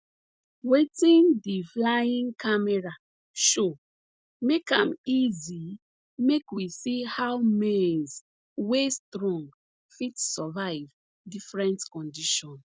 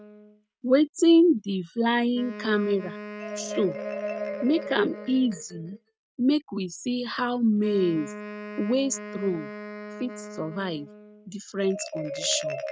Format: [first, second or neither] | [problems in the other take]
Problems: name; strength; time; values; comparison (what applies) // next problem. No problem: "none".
first | noise reduction (neural mask model RNNoise)